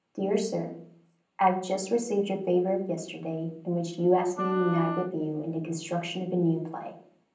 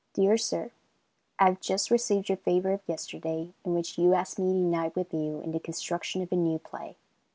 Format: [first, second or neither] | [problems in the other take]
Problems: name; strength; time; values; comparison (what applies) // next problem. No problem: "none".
second | background sound (Wind instrument, woodwind instrument); 9 dB below the speech // room echo; dies away in 0.6 s